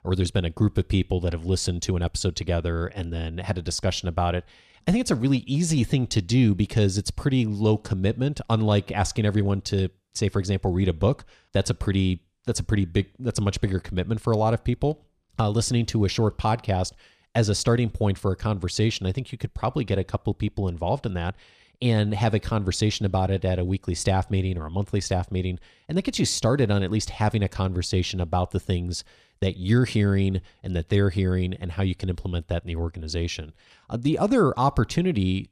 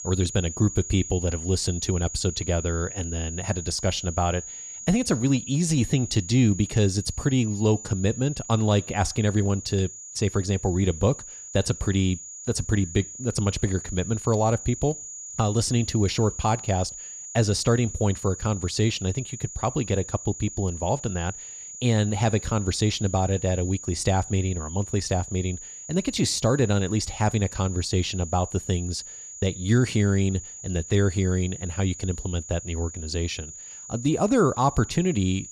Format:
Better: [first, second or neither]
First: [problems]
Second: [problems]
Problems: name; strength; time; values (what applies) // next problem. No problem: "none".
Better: first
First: none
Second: high-pitched whine; noticeable; throughout; 7 kHz, 10 dB below the speech